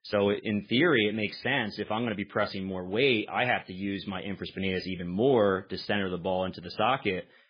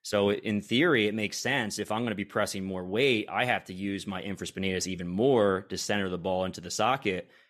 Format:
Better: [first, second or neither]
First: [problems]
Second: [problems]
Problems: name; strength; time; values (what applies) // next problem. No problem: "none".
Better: second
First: garbled, watery; badly; nothing above 5 kHz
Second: none